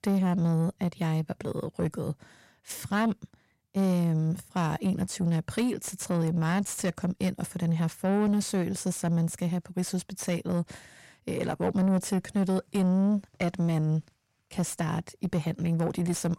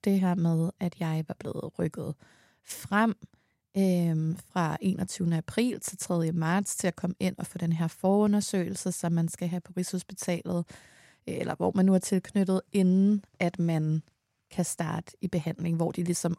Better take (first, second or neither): second